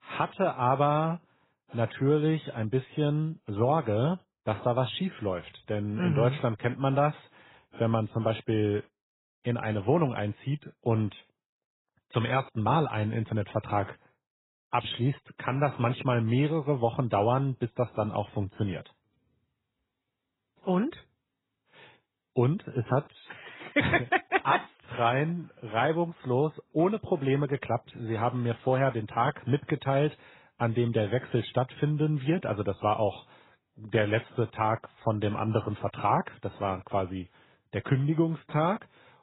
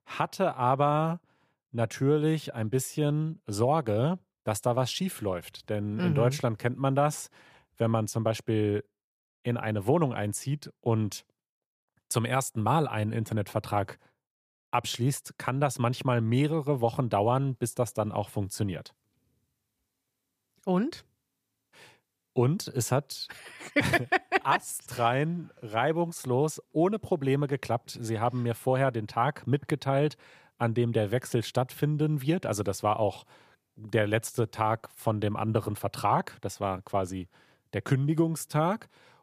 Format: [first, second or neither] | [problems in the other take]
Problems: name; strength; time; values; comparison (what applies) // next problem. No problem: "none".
second | garbled, watery; badly; nothing above 4 kHz